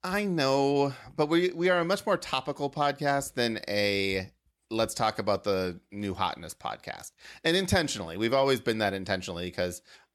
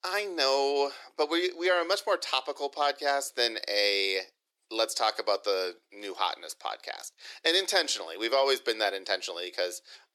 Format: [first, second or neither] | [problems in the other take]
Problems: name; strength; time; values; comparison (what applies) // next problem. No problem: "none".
first | thin; very; fading below 350 Hz